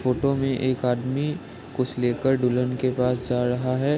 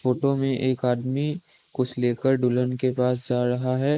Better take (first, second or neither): first